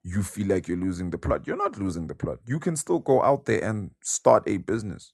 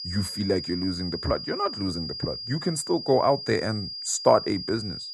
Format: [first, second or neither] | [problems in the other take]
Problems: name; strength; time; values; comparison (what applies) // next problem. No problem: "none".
first | high-pitched whine; loud; throughout; 5 kHz, 7 dB below the speech